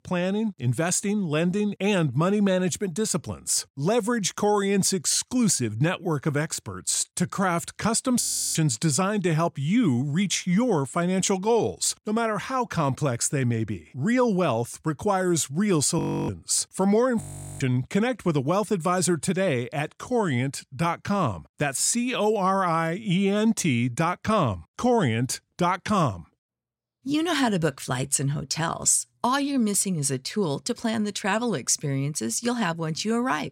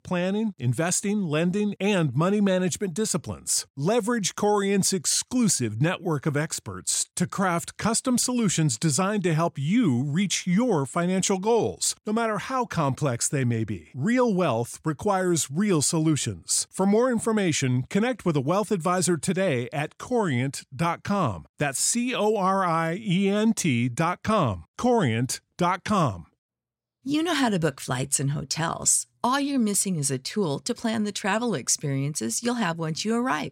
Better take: second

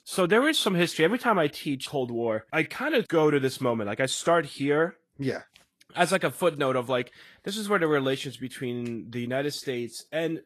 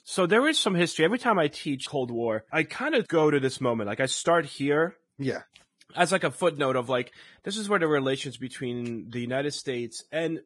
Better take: first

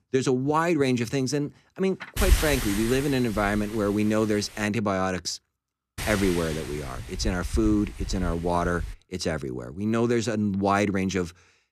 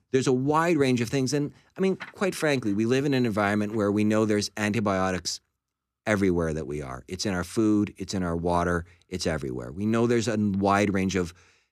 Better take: second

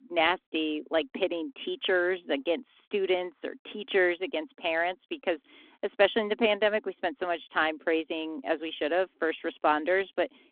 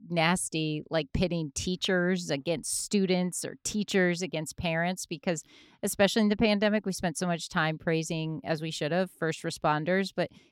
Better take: second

